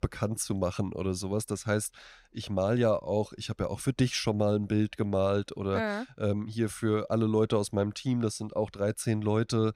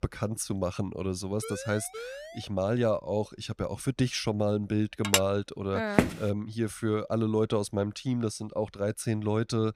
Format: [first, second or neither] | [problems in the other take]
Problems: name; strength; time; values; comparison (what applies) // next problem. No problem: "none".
first | siren; noticeable; from 1.5 to 2.5 s; peak 10 dB below the speech // clattering dishes; loud; at 5 s; peak 4 dB above the speech // footsteps; loud; at 6 s; peak 3 dB above the speech